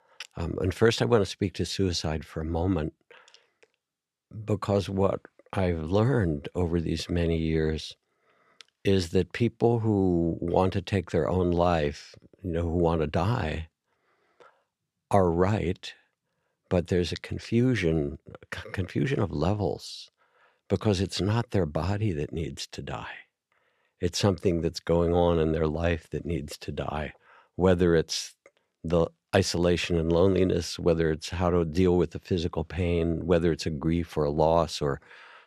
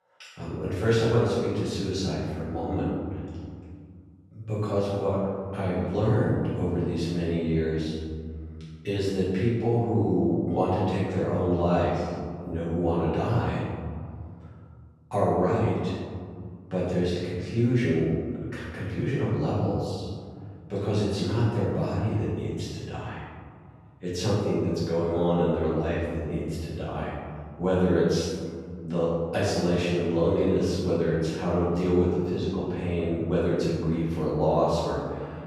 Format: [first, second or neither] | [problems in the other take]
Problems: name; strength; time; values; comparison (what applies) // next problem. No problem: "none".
first | room echo; strong; dies away in 2 s // off-mic speech; far